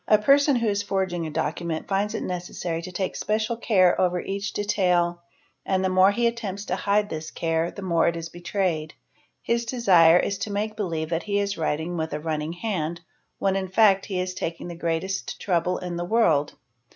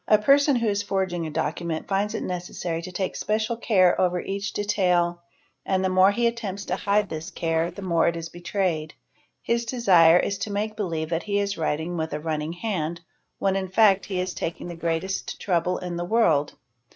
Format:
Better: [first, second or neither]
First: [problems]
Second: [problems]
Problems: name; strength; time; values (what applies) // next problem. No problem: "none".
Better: first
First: none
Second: noise reduction (neural separator model SepFormer DNS4)